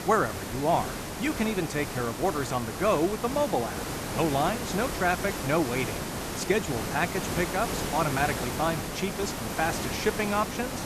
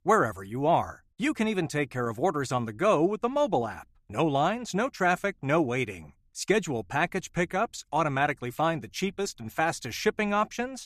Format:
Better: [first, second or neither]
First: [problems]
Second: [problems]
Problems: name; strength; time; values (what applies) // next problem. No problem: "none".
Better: second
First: hiss; loud; throughout; 4 dB below the speech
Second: none